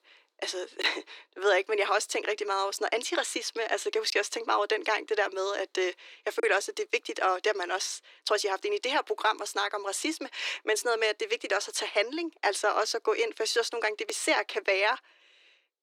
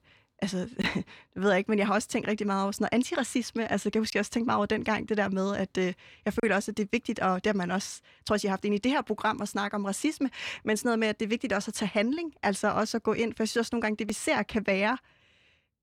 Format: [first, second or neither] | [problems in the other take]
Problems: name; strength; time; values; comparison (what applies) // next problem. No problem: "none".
second | thin; very; fading below 300 Hz